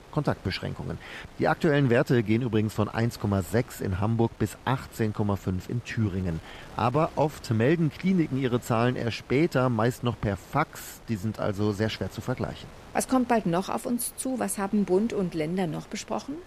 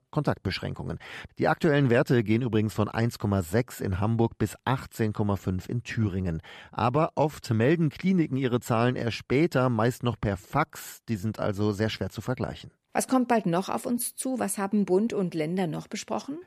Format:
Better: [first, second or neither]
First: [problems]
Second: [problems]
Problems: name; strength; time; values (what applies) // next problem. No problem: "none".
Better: second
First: wind noise on the microphone; occasional gusts; 20 dB below the speech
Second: none